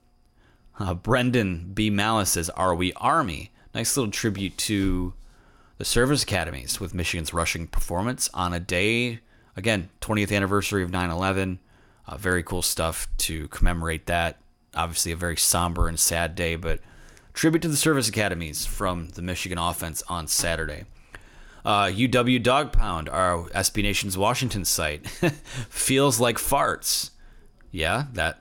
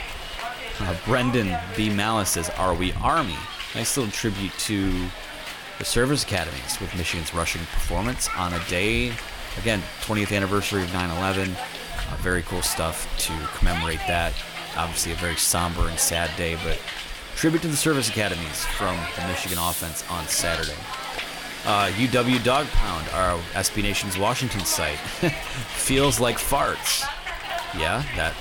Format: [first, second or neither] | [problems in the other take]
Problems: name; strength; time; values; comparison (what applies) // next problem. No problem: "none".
first | hiss; loud; throughout; 6 dB below the speech